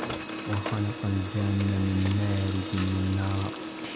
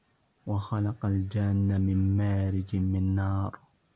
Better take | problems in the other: second | background sound (Printer); 7 dB below the speech

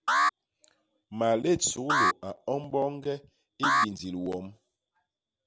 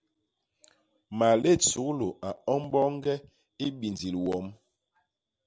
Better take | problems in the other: second | background sound (Alarm); 1 dB above the speech

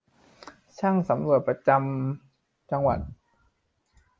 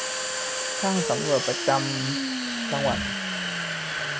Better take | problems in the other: first | background sound (Domestic sounds, home sounds); 1 dB above the speech

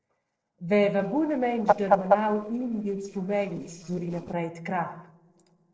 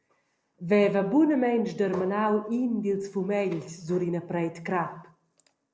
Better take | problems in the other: second | noise reduction (neural separator model SepFormer DNS4)

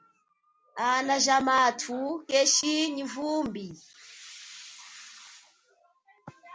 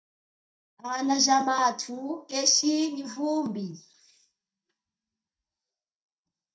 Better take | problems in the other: first | noise reduction (neural mask model DeepFilterNet 3)

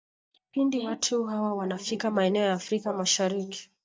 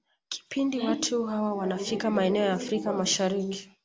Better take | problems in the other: second | noise reduction (neural mask model DeepFilterNet 3)

